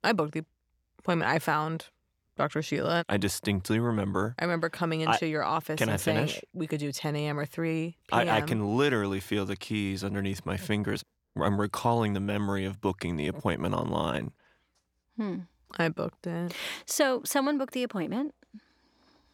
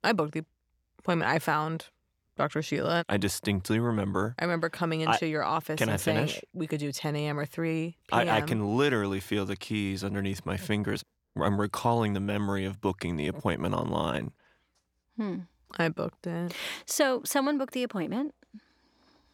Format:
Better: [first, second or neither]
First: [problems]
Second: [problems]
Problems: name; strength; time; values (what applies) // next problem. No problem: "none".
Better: neither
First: none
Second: none